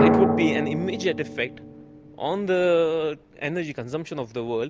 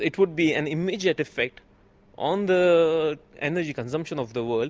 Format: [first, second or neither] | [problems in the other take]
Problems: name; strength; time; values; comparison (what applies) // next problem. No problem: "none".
second | background sound (Drum); 2 dB below the speech